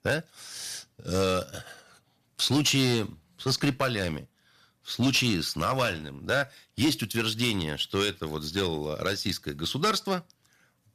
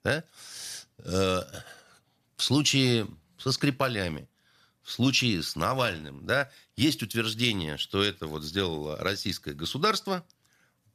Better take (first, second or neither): second